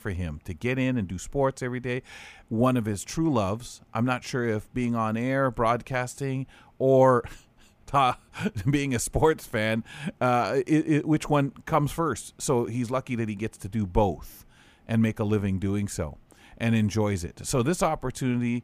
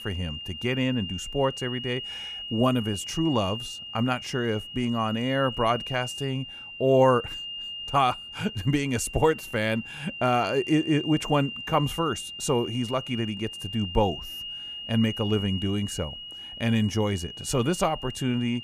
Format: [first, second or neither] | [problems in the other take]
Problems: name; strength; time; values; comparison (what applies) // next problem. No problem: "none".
first | high-pitched whine; loud; throughout; 3 kHz, 9 dB below the speech